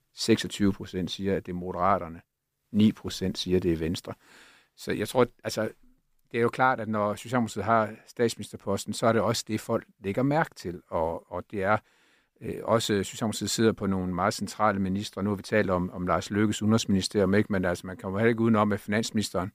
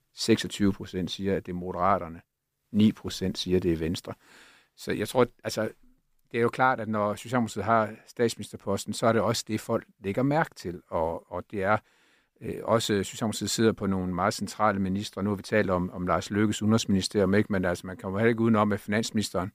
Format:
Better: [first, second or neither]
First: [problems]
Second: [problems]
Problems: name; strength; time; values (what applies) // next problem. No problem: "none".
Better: neither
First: none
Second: none